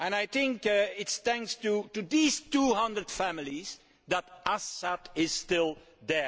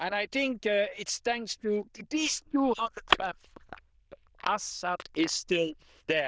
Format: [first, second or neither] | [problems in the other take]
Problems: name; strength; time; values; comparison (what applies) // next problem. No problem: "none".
first | noise reduction (neural diffusion model UNIVERSE++)